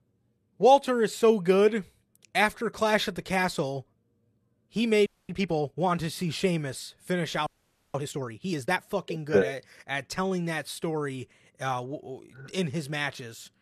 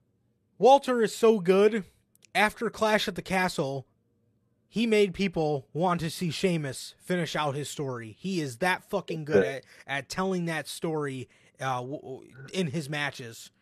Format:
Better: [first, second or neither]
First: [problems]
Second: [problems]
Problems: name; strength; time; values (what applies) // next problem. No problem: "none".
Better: second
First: audio freezing; at 5 s and at 7.5 s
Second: none